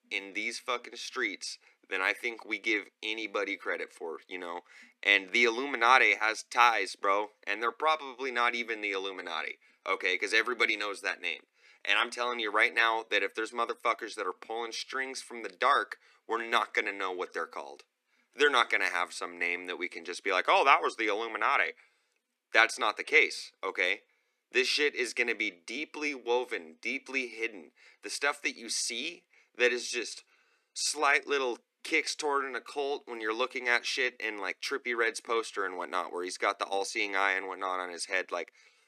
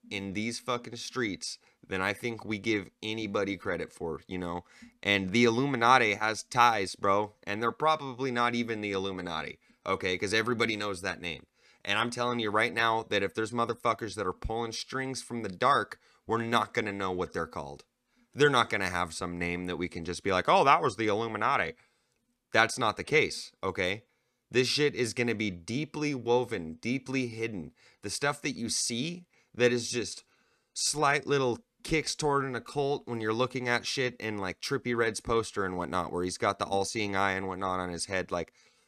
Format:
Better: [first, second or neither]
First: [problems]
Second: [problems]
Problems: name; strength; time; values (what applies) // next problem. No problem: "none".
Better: second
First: thin; somewhat; fading below 300 Hz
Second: none